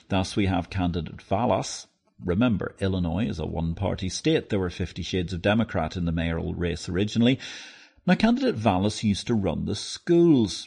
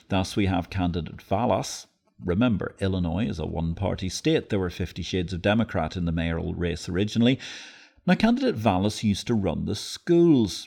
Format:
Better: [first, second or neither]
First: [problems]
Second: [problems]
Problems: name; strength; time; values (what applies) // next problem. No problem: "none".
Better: second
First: garbled, watery; slightly; nothing above 9 kHz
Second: none